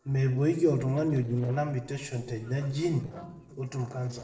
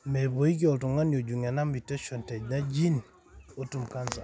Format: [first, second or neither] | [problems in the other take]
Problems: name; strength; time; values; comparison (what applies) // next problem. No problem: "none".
second | noise reduction (neural separator model SepFormer DNS4)